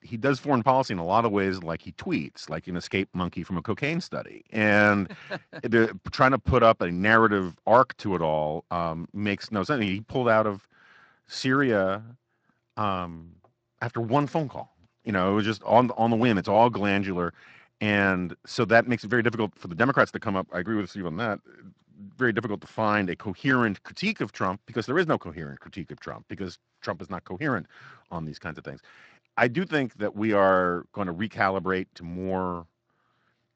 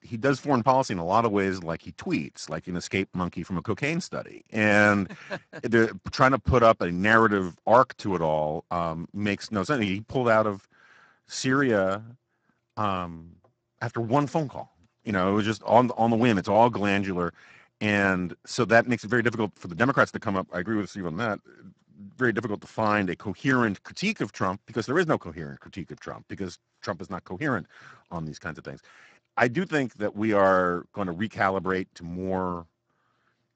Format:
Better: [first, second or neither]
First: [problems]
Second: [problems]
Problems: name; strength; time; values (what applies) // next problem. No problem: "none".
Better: first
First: garbled, watery; slightly; nothing above 8 kHz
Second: garbled, watery; badly; nothing above 8 kHz